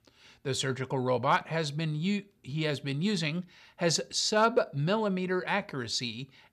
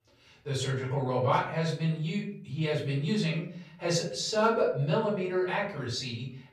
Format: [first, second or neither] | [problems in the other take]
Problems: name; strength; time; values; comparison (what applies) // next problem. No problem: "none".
first | room echo; slight; dies away in 0.5 s // off-mic speech; far